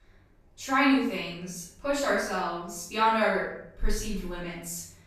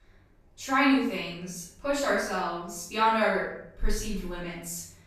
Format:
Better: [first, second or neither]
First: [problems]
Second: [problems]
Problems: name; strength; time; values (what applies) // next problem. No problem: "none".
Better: neither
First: off-mic speech; far // room echo; noticeable; dies away in 0.7 s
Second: off-mic speech; far // room echo; noticeable; dies away in 0.7 s